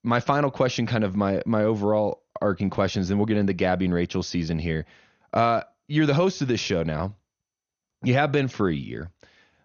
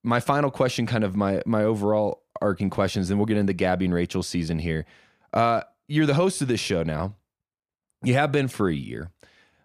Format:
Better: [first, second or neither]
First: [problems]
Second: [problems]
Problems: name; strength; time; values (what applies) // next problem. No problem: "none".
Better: second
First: garbled, watery; slightly; nothing above 6.5 kHz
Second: none